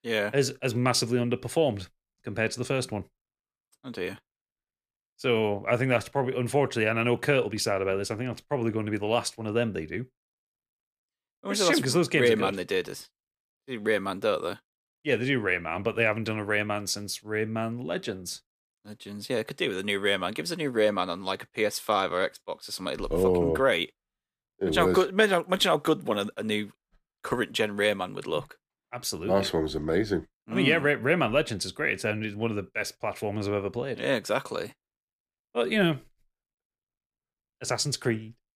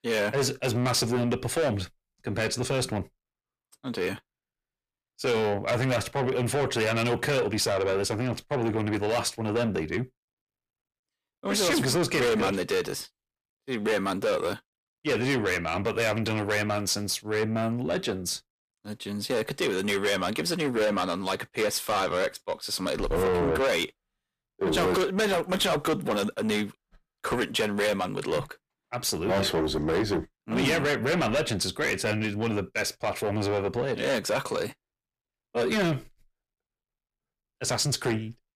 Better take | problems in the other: first | distortion; heavy; 6 dB below the speech

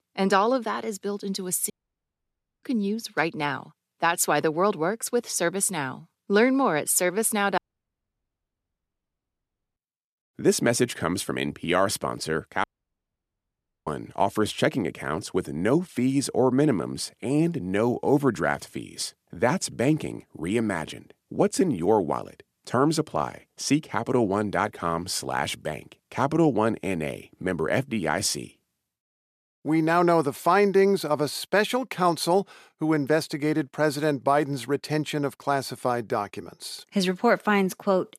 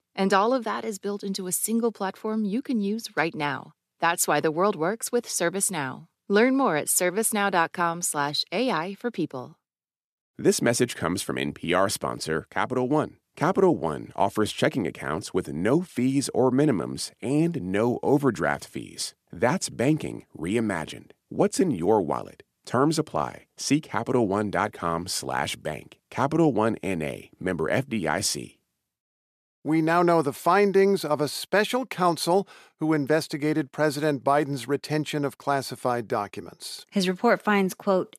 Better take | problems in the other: second | audio cutting out; at 1.5 s for 1 s, at 7.5 s for 2 s and at 13 s for 1 s

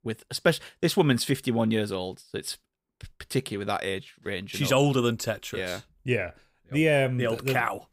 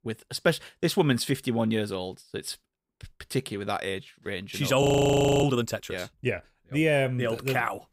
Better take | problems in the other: first | audio freezing; at 5 s for 0.5 s

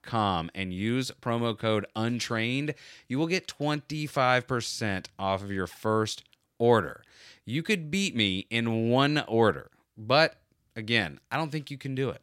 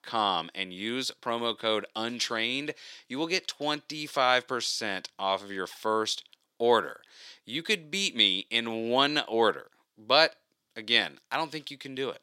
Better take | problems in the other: first | thin; somewhat; fading below 300 Hz

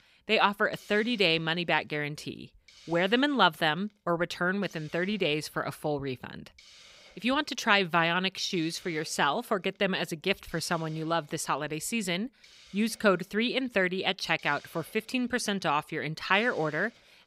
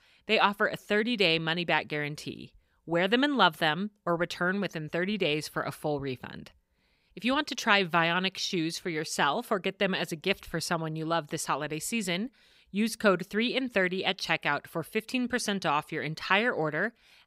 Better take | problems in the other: second | hiss; faint; throughout; 25 dB below the speech

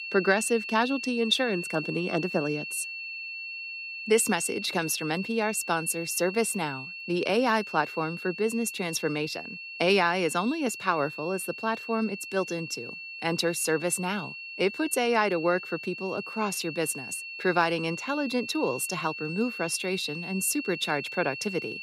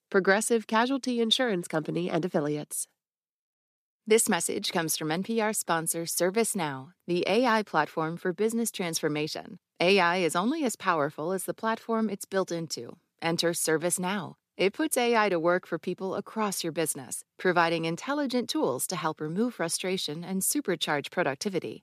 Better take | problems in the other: second | high-pitched whine; loud; throughout; 2.5 kHz, 8 dB below the speech

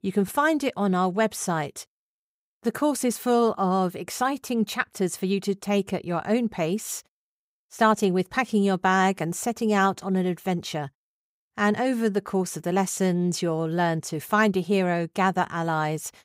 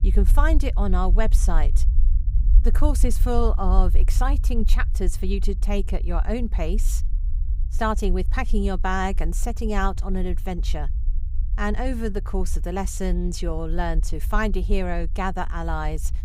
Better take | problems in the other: first | low rumble; noticeable; throughout; 20 dB below the speech

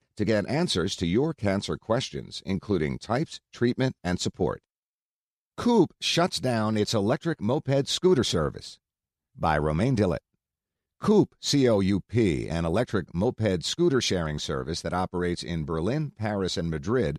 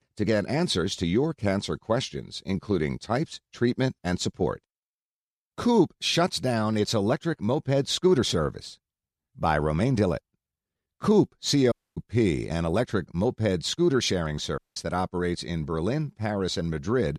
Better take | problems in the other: first | audio cutting out; at 12 s and at 15 s

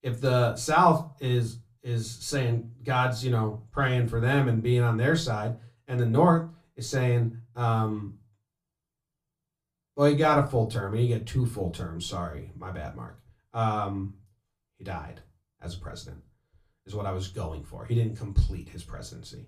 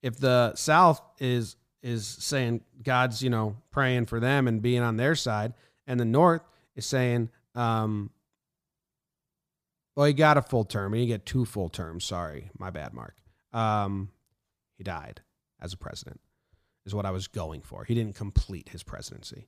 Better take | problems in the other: second | off-mic speech; far // room echo; very slight; dies away in 0.2 s

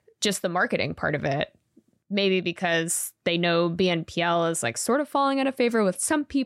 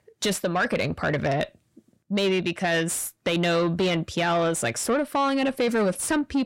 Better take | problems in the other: first | distortion; slight; 10 dB below the speech

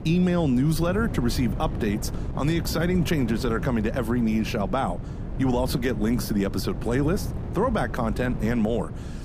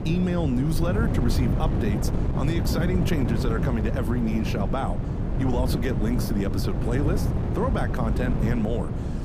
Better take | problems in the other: first | wind noise on the microphone; heavy; 3 dB below the speech; occasional gusts in the first

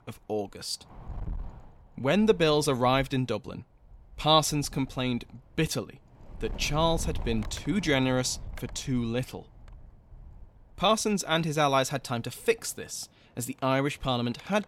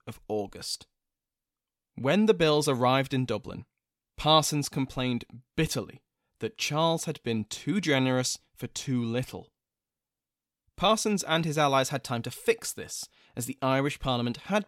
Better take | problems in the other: second | wind noise on the microphone; occasional gusts; 25 dB below the speech

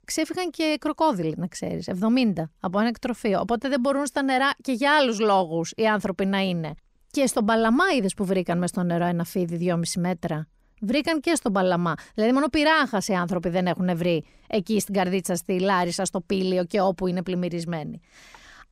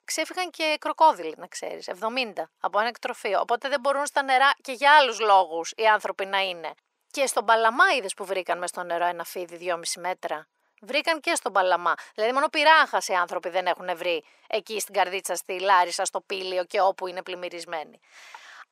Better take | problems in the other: first | thin; very; fading below 500 Hz

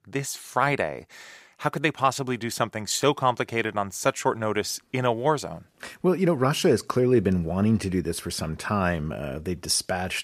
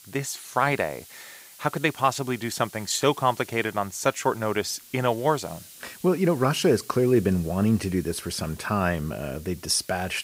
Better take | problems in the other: first | hiss; noticeable; throughout; 20 dB below the speech

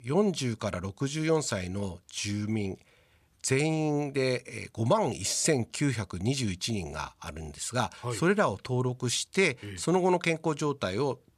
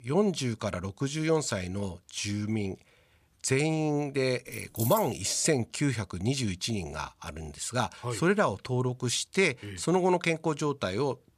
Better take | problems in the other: first | jangling keys; noticeable; at 4.5 s; peak 5 dB below the speech

